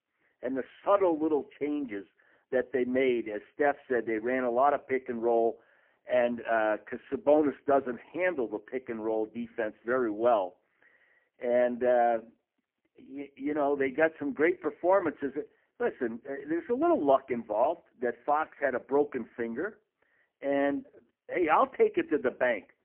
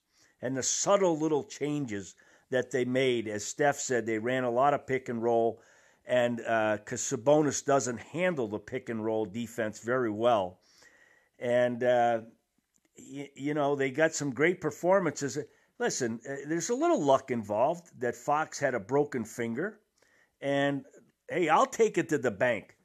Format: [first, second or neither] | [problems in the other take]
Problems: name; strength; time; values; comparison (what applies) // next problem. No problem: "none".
second | phone-call audio; poor line